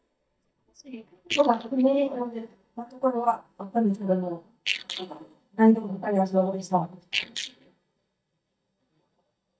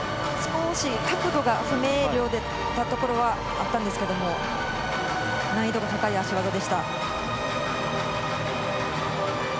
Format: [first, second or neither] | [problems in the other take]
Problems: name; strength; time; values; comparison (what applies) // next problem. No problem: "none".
second | noise reduction (neural mask model DeepFilterNet 3)